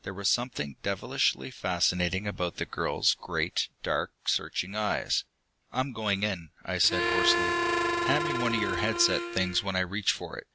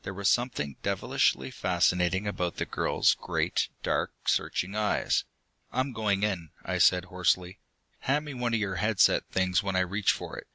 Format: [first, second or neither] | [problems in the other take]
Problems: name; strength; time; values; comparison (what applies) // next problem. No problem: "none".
second | background sound (Harmonica); 1 dB above the speech